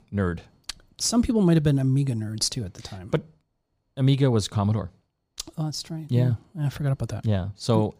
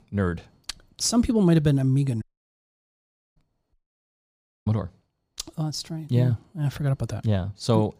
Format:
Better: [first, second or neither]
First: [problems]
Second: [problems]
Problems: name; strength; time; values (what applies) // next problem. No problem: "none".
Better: first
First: none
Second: audio cutting out; at 2 s for 1 s and at 3.5 s for 1 s